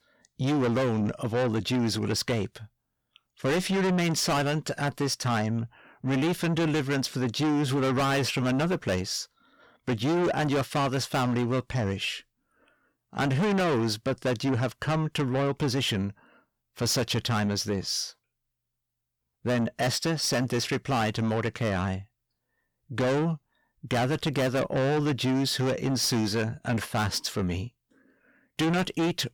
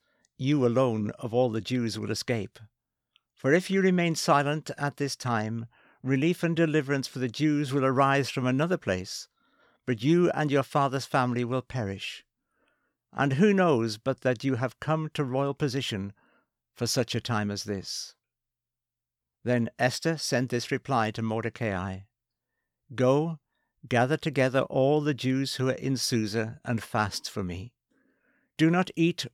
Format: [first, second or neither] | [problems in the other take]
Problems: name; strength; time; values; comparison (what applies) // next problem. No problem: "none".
second | distortion; heavy; 6 dB below the speech